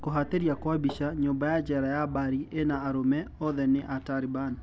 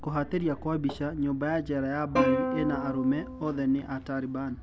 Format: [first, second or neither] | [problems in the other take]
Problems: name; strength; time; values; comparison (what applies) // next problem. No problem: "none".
first | background sound (Plucked string instrument); 2 dB below the speech